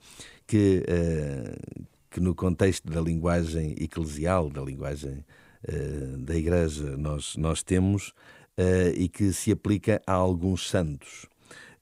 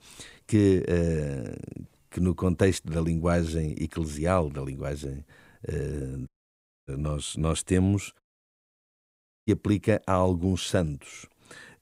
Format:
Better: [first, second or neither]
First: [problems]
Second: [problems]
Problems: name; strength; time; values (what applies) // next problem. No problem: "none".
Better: first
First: none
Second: audio cutting out; at 6.5 s for 0.5 s and at 8 s for 1.5 s